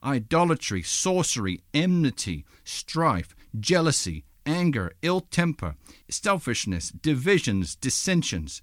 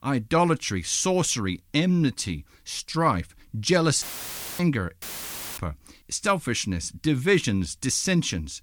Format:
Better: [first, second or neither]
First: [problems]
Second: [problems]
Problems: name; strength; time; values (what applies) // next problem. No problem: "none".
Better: first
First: none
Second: audio cutting out; filled with static; at 4 s for 0.5 s and at 5 s for 0.5 s